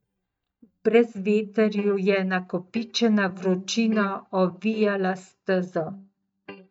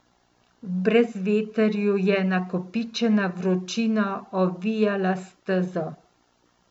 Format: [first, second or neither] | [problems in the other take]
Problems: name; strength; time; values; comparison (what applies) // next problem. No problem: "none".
second | noise reduction (neural mask model DeepFilterNet 3)